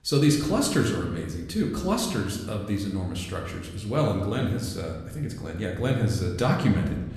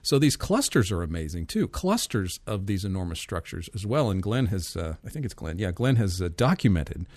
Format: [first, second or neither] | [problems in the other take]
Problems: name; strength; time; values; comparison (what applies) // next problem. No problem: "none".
second | room echo; slight; dies away in 0.9 s // off-mic speech; somewhat distant